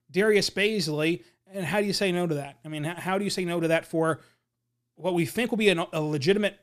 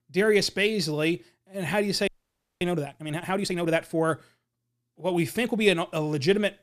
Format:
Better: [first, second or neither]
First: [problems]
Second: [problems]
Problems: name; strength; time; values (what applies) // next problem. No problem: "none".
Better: first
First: none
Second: audio freezing; at 2 s for 0.5 s